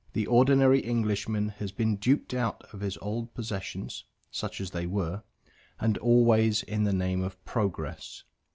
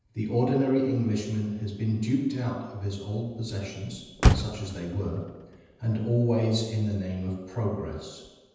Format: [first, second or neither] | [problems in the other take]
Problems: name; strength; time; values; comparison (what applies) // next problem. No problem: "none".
first | background sound (Motor vehicle (road)); 5 dB below the speech // room echo; dies away in 1.1 s